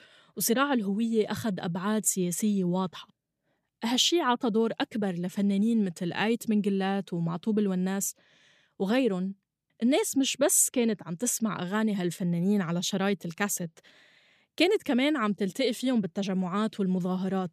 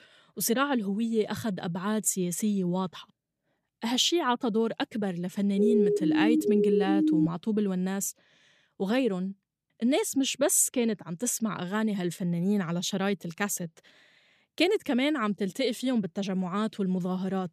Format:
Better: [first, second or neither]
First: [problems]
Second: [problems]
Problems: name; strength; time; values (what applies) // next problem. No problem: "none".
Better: first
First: none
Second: siren; loud; from 5.5 to 7.5 s; peak 4 dB above the speech